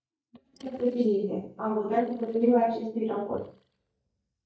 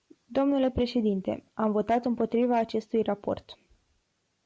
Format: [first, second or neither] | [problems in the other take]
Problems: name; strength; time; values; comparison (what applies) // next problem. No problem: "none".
second | noise reduction (neural mask model DeepFilterNet 3)